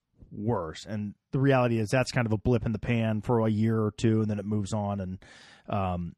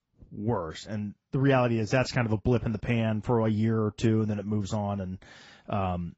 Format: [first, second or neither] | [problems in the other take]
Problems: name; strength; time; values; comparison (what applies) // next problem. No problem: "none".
first | garbled, watery; badly; nothing above 7.5 kHz